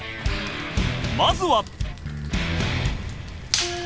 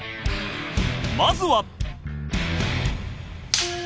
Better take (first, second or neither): second